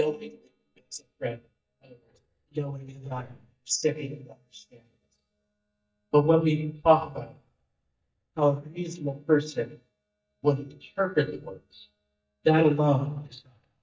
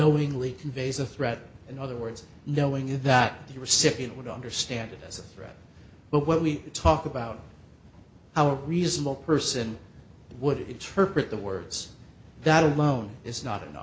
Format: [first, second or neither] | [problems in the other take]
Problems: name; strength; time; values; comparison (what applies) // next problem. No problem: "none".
second | noise reduction (neural mask model DeepFilterNet 3)